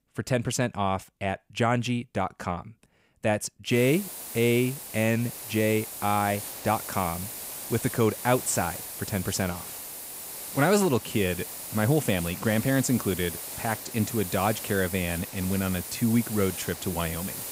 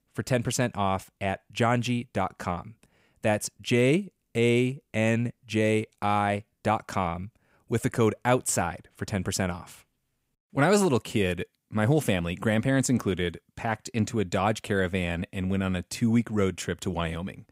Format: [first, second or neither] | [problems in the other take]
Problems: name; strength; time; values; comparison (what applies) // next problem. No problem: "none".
second | hiss; loud; from 3.5 s on; 8 dB below the speech